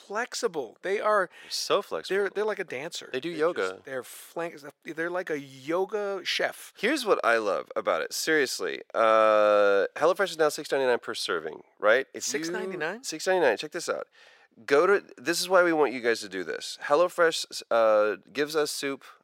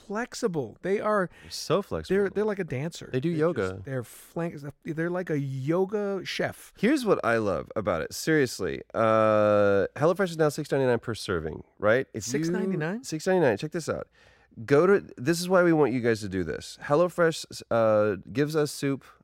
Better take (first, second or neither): second